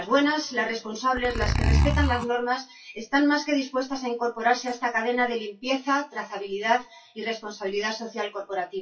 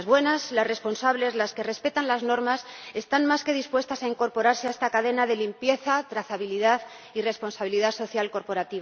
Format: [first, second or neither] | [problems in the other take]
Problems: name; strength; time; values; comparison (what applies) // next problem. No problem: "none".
second | noise reduction (classical method WPE with log-MMSE)